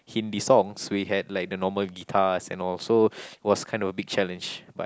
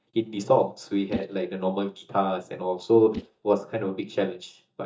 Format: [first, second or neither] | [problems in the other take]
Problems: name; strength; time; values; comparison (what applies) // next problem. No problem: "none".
first | noise reduction (neural mask model DeepFilterNet 3)